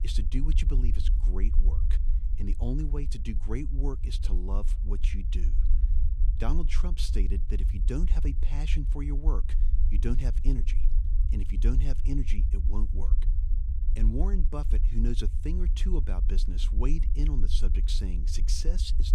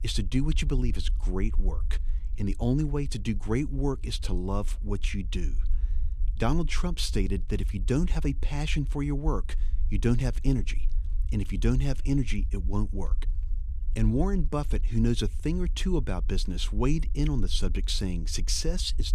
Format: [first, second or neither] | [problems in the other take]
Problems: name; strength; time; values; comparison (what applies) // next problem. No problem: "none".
second | low rumble; loud; throughout; 10 dB below the speech; faint in the second